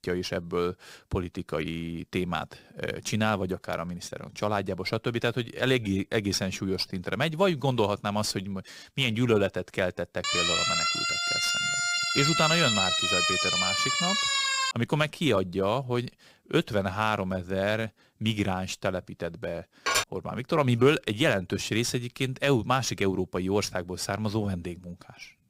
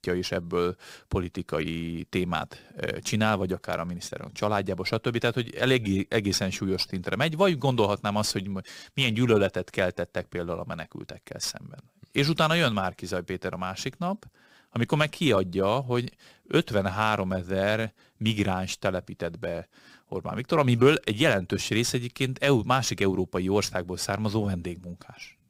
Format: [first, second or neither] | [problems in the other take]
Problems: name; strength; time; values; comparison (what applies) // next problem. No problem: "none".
second | siren; loud; from 10 to 15 s; peak 5 dB above the speech // clattering dishes; loud; at 20 s; peak 2 dB above the speech